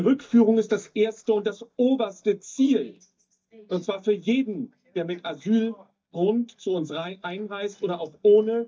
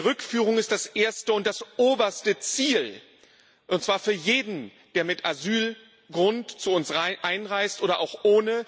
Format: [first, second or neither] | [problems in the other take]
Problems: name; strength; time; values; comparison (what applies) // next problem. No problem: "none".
second | noise reduction (neural mask model DeepFilterNet 3)